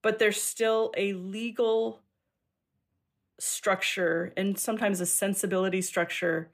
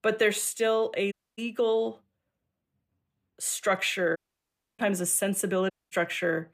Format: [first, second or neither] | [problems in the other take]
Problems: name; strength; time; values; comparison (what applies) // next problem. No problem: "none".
first | audio cutting out; at 1 s, at 4 s for 0.5 s and at 5.5 s